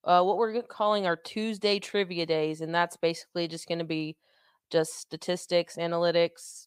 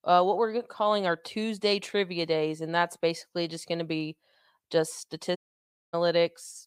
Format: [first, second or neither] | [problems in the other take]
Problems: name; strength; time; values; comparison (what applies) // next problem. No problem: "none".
first | audio cutting out; at 5.5 s for 0.5 s